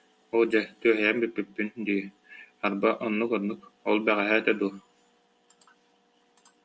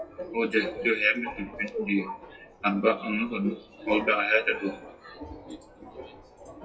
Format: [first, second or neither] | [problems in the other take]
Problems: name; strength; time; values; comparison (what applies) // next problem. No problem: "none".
first | noise reduction (classical method WPE with log-MMSE)